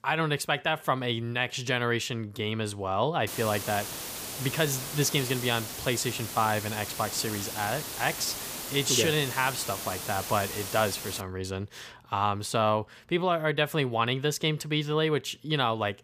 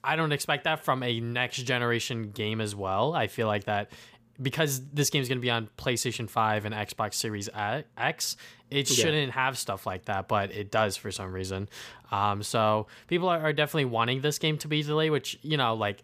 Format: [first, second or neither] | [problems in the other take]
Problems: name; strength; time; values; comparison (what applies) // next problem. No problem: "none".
second | hiss; loud; from 3.5 to 11 s; 6 dB below the speech